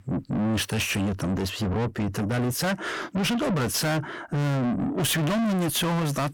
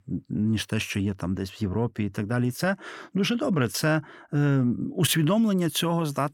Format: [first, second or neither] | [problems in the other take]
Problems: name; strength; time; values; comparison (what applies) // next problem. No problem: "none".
second | distortion; heavy; 6 dB below the speech